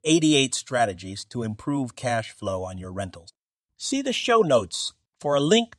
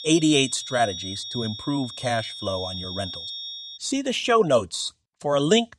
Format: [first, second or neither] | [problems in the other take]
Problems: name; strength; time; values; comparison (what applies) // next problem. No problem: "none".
first | high-pitched whine; loud; until 4 s; 3.5 kHz, 9 dB below the speech